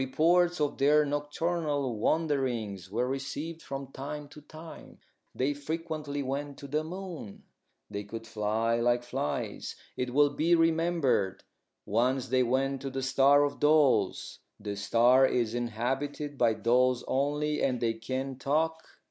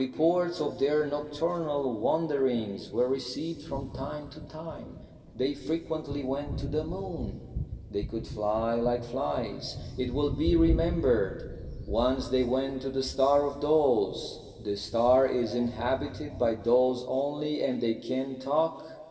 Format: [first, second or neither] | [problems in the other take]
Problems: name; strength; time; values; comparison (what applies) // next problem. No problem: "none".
first | background sound (Thunder); 11 dB below the speech // room echo; dies away in 2.1 s